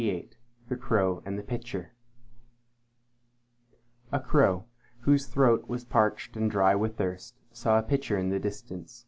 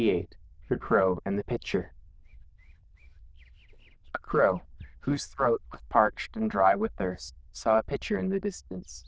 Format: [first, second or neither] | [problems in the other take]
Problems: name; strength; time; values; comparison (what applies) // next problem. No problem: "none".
first | noise reduction (neural diffusion model UNIVERSE++)